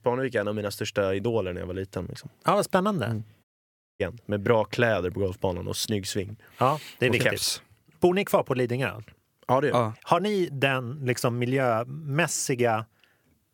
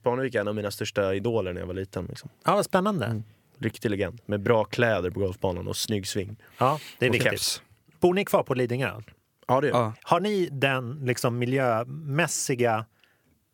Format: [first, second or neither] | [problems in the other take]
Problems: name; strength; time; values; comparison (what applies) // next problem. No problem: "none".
second | audio cutting out; at 3.5 s for 0.5 s